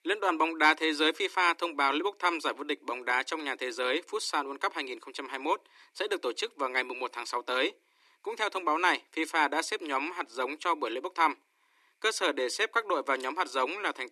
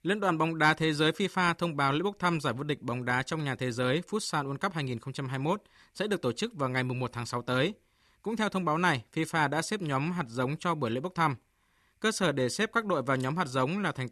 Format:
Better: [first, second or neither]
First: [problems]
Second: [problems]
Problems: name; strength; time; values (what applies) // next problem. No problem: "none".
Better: second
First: thin; somewhat; fading below 300 Hz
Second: none